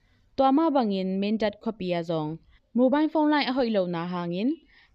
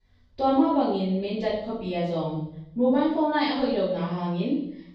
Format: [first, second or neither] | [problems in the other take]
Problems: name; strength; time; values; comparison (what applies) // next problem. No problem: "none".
first | off-mic speech; far // room echo; noticeable; dies away in 0.9 s